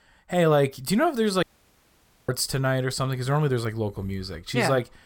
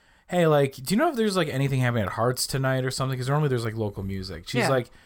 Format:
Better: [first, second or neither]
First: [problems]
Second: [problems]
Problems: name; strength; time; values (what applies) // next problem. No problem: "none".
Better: second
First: audio cutting out; at 1.5 s for 1 s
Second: none